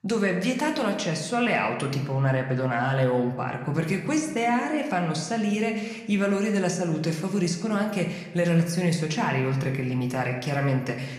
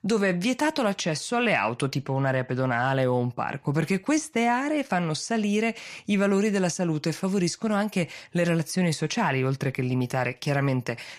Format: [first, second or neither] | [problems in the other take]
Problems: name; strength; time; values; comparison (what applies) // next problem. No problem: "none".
second | room echo; slight; dies away in 0.9 s